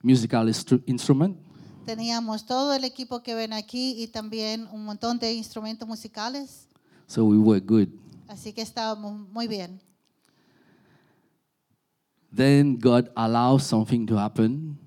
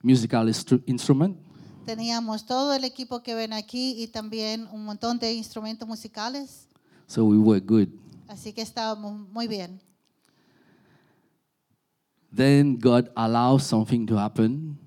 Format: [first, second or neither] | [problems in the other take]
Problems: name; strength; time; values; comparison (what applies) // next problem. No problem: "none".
neither | none